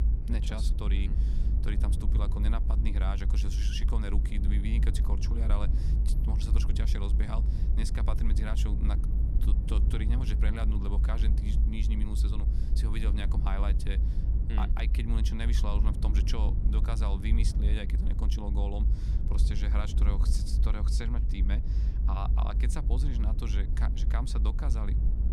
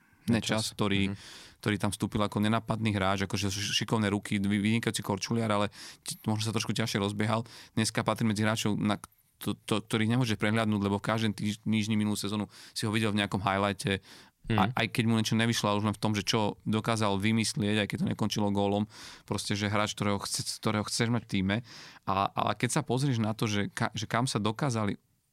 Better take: second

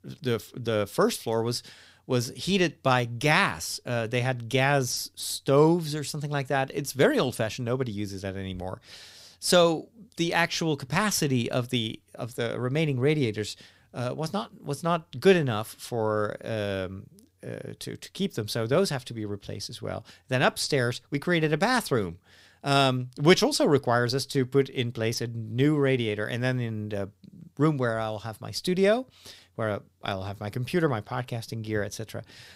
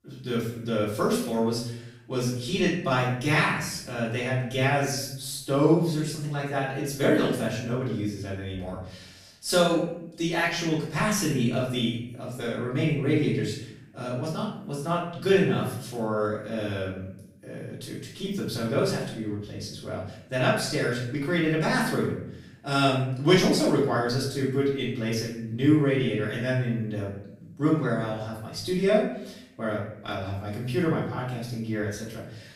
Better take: first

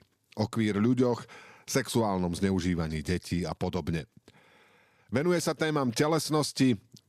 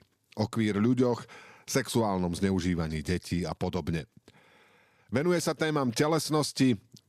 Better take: neither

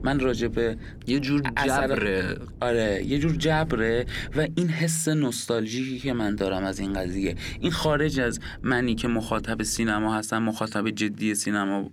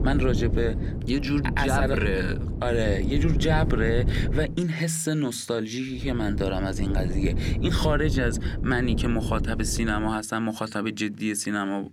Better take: first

